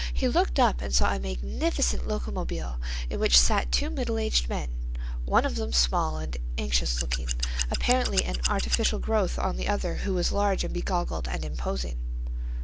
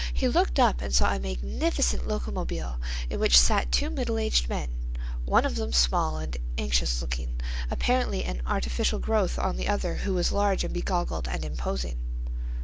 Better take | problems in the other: second | background sound (Scissors); 7 dB below the speech

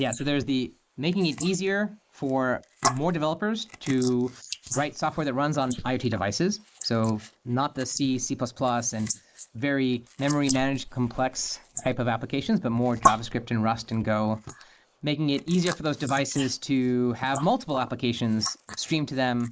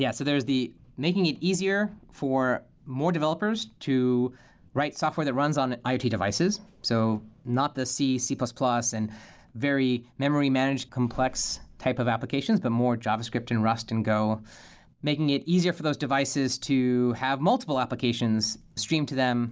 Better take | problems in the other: second | noise reduction (neural mask model Resemble Enhance denoiser)

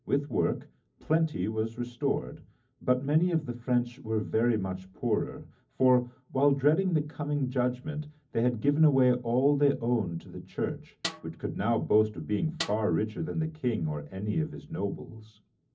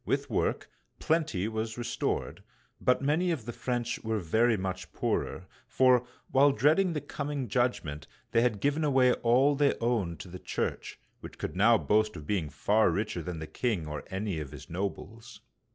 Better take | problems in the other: second | background sound (Snare drum); 12 dB below the speech // room echo; dies away in 0.4 s

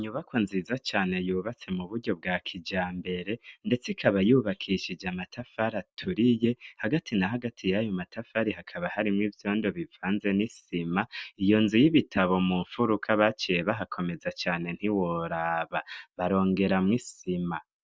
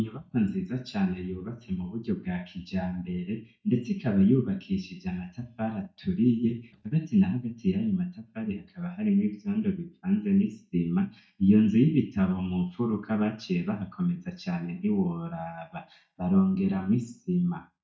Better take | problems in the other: first | noise reduction (neural mask model DeepFilterNet 3)

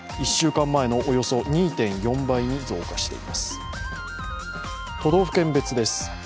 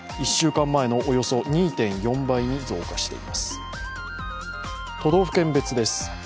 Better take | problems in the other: second | background sound (Drum kit); 16 dB below the speech

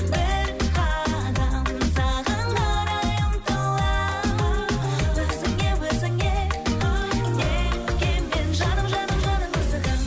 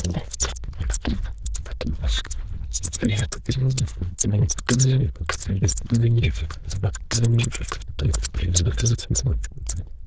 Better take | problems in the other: first | noise reduction (neural diffusion model UNIVERSE++)

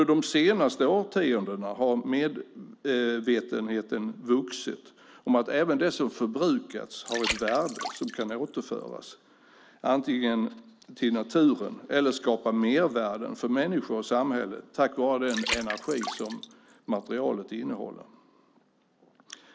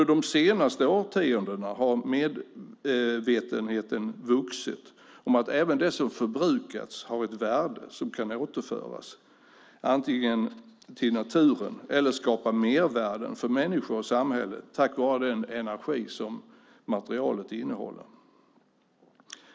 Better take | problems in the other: second | background sound (Water); 11 dB below the speech

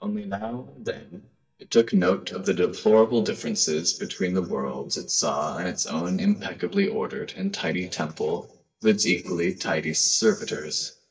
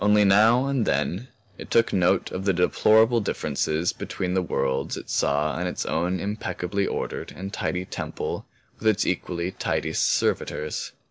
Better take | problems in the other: second | noise reduction (neural mask model DeepFilterNet 3)

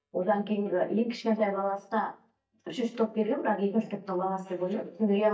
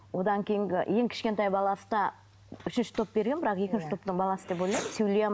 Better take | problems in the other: second | noise reduction (neural mask model DeepFilterNet 3)

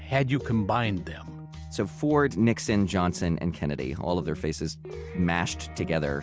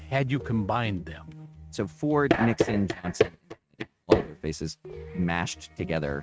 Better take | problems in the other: first | noise reduction (neural mask model RNNoise)

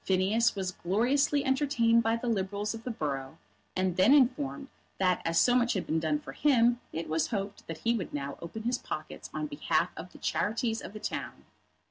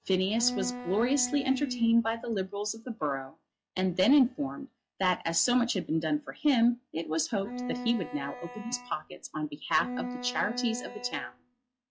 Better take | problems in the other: first | noise reduction (classical method log-MMSE)

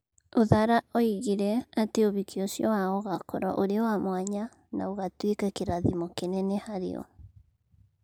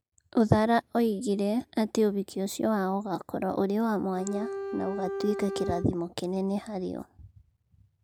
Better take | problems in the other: first | background sound (Bowed string instrument); 6 dB below the speech

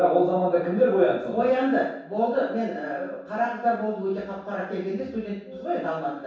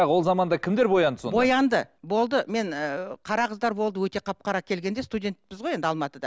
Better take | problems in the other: second | background sound (Wind instrument, woodwind instrument); 20 dB below the speech // room echo; dies away in 0.7 s

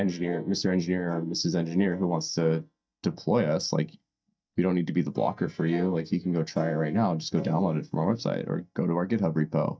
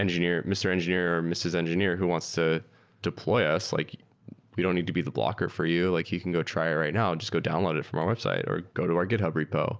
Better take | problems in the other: second | noise reduction (neural mask model DeepFilterNet 3)

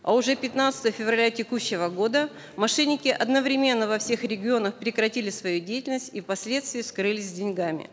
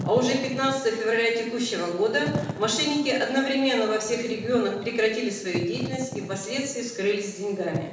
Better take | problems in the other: first | background sound (Wind / Fire); 12 dB below the speech // room echo; dies away in 0.9 s

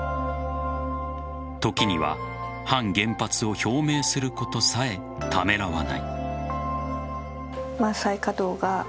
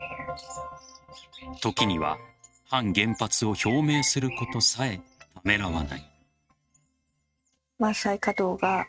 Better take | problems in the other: first | noise reduction (neural mask model RNNoise)

